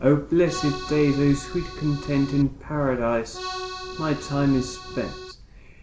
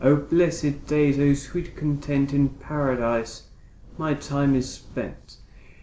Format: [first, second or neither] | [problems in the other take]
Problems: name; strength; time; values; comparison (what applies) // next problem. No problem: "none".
second | background sound (Accordion); 12 dB below the speech